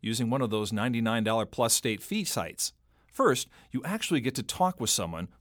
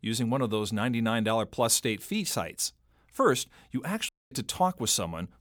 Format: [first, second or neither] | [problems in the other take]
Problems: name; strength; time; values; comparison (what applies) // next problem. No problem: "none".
first | audio cutting out; at 4 s